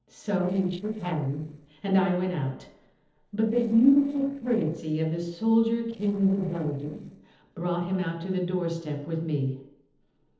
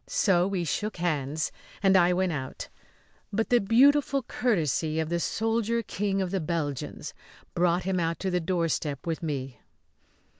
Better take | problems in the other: second | noise reduction (neural separator model SepFormer DNS4)

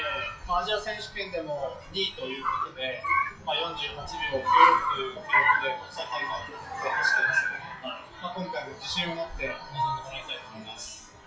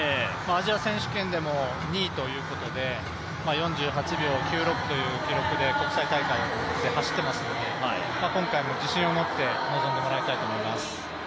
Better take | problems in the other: second | noise reduction (classical method WPE with log-MMSE)

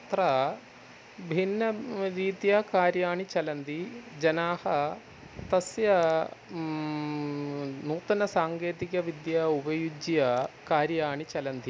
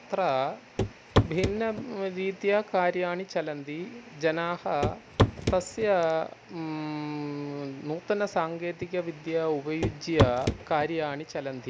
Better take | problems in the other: first | background sound (Walk, footsteps / Run / Wood); 1 dB above the speech

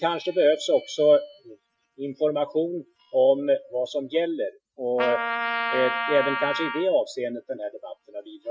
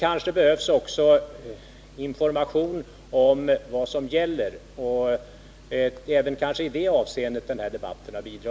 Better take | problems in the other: second | noise reduction (classical method Wiener filter)

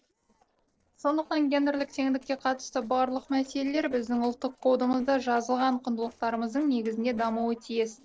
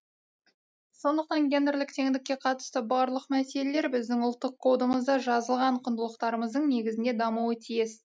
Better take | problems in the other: second | noise reduction (neural separator model SepFormer DNS4)

